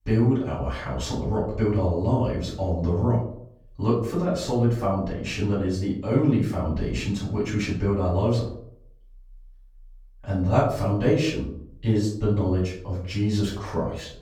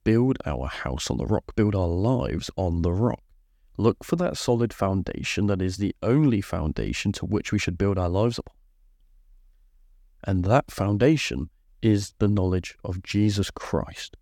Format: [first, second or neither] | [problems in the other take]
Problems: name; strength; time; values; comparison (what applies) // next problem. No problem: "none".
second | off-mic speech; far // room echo; noticeable; dies away in 0.5 s